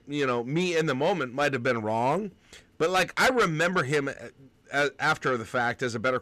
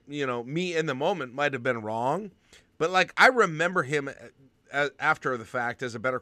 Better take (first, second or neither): second